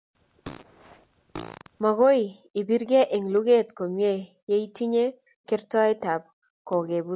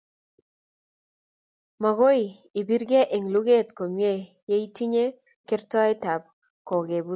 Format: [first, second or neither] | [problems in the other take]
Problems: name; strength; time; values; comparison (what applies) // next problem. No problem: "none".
second | background sound (Fart); 18 dB below the speech